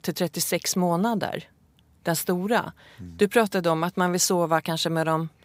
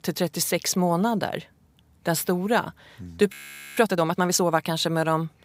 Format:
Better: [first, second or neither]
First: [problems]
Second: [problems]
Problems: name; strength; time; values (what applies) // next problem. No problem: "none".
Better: first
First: none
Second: audio freezing; at 3.5 s